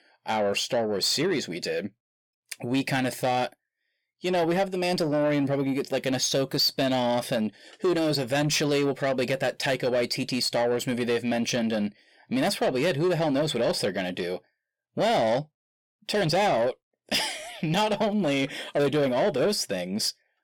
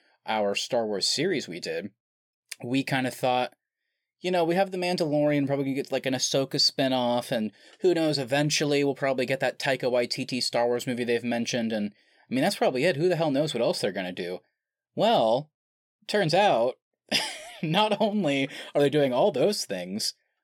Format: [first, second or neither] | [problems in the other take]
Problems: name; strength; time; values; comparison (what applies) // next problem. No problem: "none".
second | distortion; slight; 10 dB below the speech